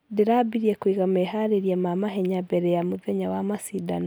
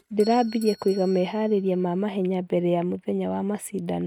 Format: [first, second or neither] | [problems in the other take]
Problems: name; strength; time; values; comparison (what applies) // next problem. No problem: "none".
first | noise reduction (neural mask model RNNoise)